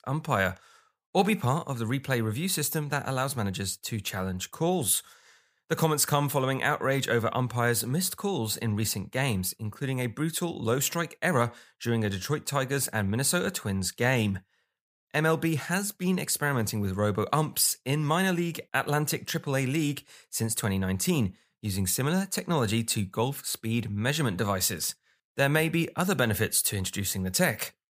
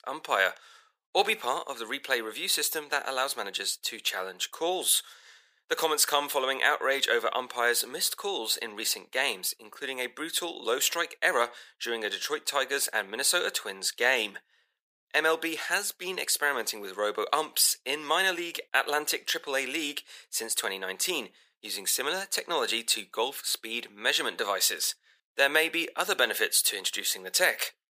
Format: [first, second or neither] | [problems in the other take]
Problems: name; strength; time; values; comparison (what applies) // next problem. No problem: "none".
first | thin; very; fading below 350 Hz